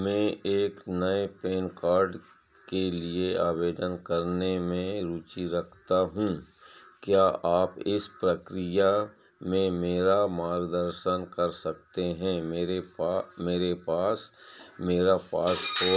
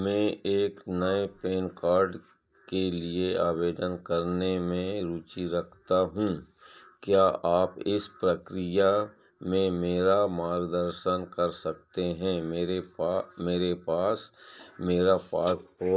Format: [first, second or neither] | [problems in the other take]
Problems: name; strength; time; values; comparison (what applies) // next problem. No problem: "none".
first | noise reduction (neural mask model DeepFilterNet 3)